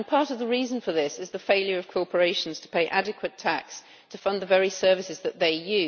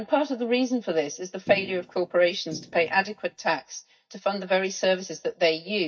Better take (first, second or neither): first